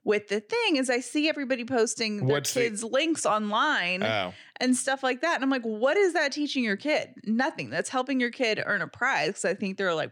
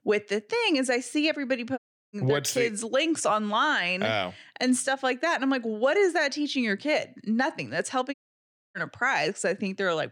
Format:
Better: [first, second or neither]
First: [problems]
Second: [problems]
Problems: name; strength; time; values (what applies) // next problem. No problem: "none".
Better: first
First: none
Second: audio cutting out; at 2 s and at 8 s for 0.5 s